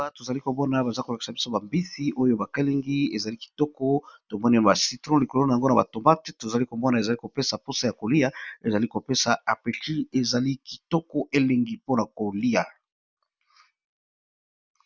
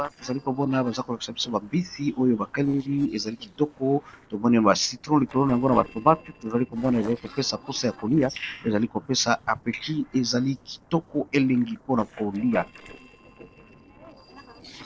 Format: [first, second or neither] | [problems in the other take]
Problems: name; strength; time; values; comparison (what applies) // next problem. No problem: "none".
first | noise reduction (neural separator model SepFormer DNS4)